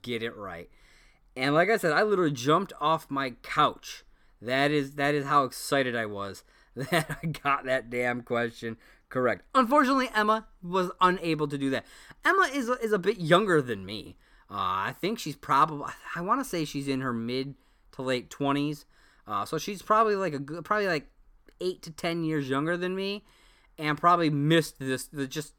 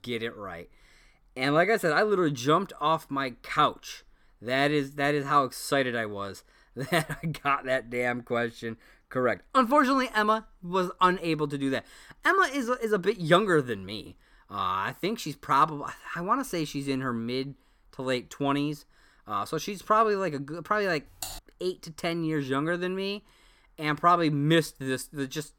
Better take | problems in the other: first | keyboard typing; faint; at 21 s; peak 10 dB below the speech

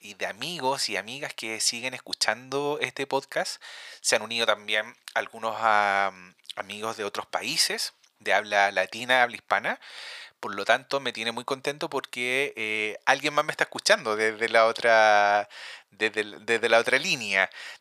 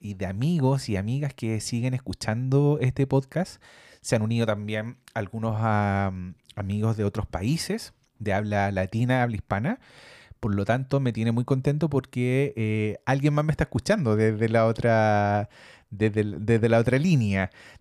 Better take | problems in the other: second | thin; very; fading below 800 Hz

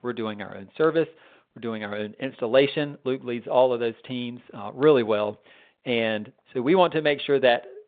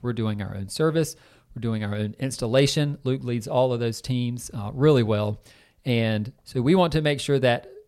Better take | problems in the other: second | phone-call audio; nothing above 3.5 kHz

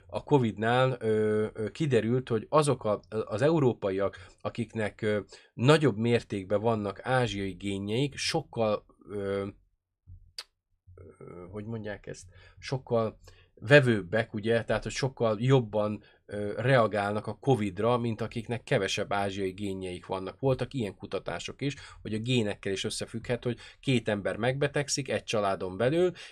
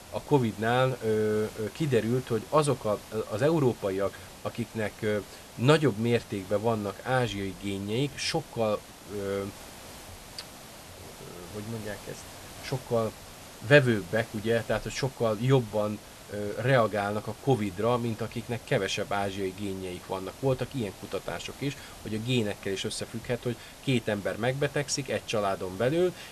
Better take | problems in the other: first | hiss; noticeable; throughout; 15 dB below the speech

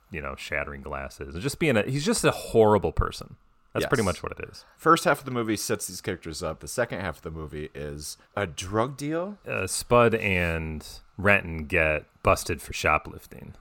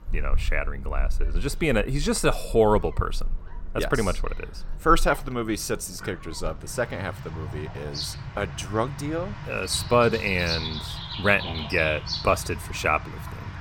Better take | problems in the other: first | animal sounds; loud; throughout; 8 dB below the speech

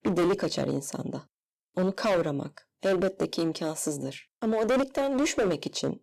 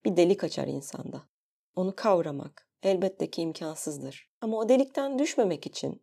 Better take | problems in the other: second | distortion; heavy; 11% of the sound clipped

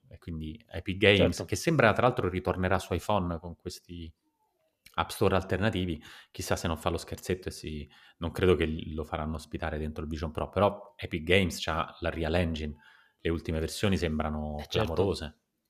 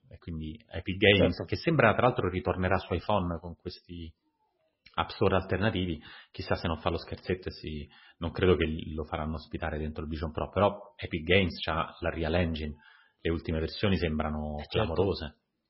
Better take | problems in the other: first | garbled, watery; badly; nothing above 5.5 kHz

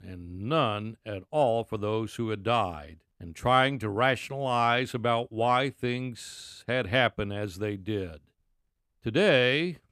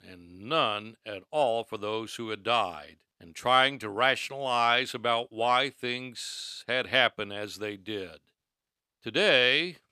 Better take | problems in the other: first | thin; somewhat; fading below 1 kHz

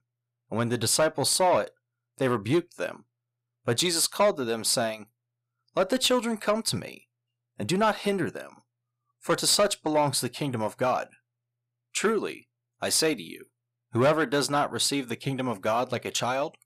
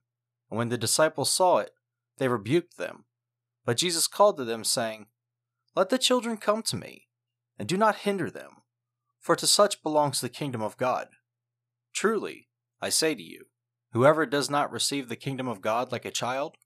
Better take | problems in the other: second | distortion; slight; 10 dB below the speech

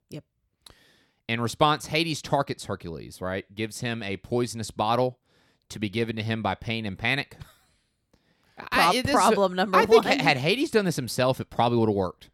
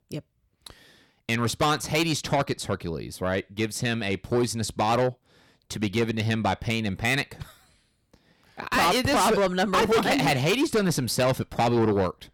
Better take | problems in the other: first | distortion; heavy; 6 dB below the speech

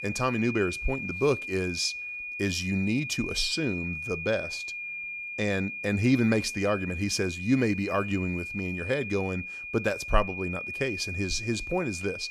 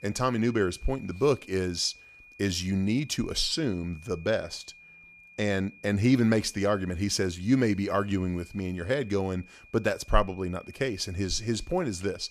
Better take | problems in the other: second | high-pitched whine; loud; throughout; 2.5 kHz, 6 dB below the speech; faint in the second

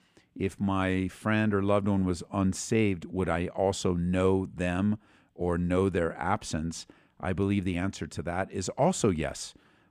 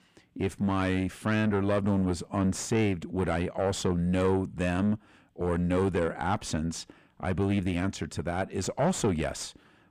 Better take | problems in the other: first | distortion; slight; 10 dB below the speech

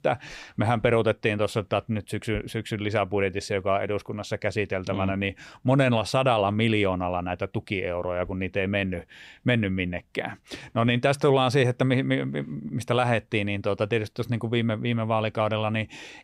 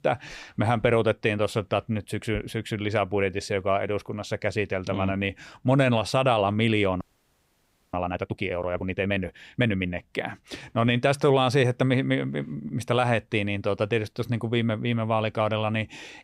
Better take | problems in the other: first | audio freezing; at 7 s for 1 s

